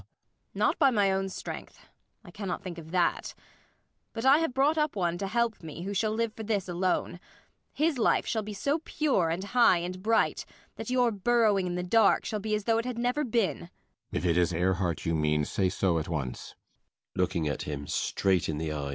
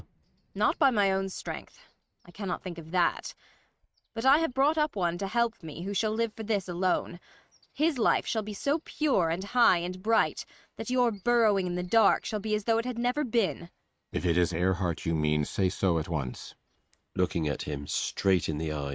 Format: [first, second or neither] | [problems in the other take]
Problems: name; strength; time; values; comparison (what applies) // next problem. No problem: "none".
first | noise reduction (neural mask model RNNoise)